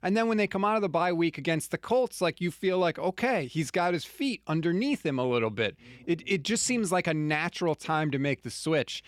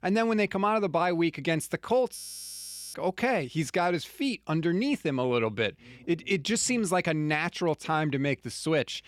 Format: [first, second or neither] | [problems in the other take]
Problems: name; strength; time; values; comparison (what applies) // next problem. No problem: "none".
first | audio freezing; at 2 s for 1 s